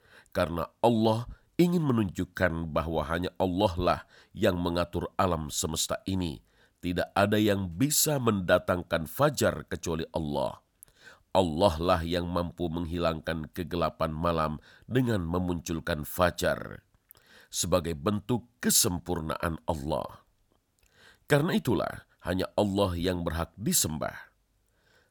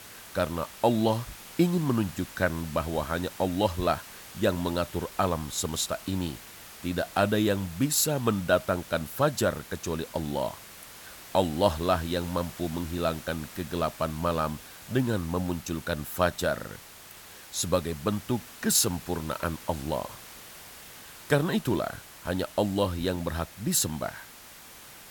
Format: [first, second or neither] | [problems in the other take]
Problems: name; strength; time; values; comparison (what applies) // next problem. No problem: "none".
first | hiss; noticeable; throughout; 15 dB below the speech